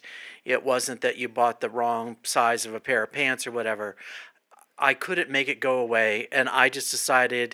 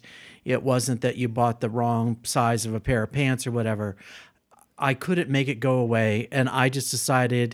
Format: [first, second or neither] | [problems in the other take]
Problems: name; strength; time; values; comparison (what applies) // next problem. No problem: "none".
second | thin; very; fading below 450 Hz